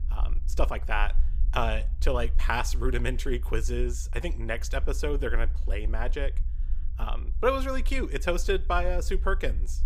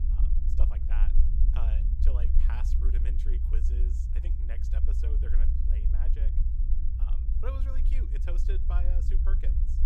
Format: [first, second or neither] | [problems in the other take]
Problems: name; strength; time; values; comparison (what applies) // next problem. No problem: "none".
first | low rumble; loud; throughout; 2 dB below the speech; faint in the first